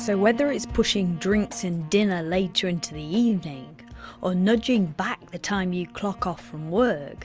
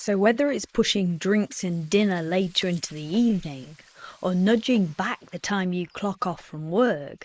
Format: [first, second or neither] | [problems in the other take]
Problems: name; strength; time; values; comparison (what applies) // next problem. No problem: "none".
first | noise reduction (neural mask model Resemble Enhance denoiser)